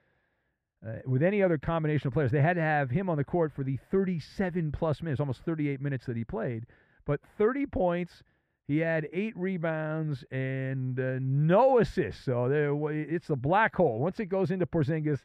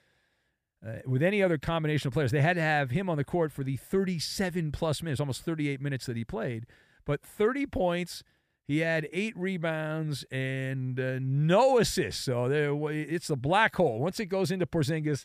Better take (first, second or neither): second